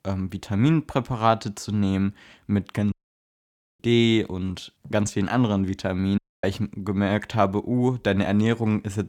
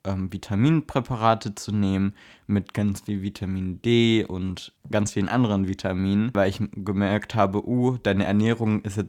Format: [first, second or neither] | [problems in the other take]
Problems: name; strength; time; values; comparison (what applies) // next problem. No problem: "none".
second | audio cutting out; at 3 s for 1 s and at 6 s